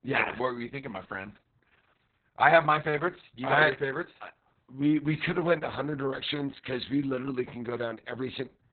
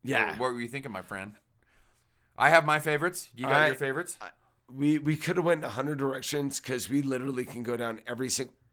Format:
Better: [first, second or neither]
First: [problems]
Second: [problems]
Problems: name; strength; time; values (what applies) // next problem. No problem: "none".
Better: second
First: garbled, watery; badly; nothing above 4 kHz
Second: garbled, watery; slightly